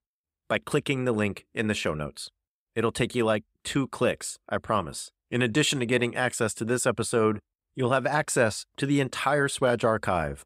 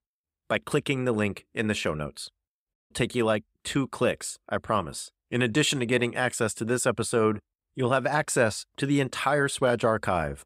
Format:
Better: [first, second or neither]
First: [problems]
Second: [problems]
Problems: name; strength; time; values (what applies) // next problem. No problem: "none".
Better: first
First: none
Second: audio cutting out; at 2.5 s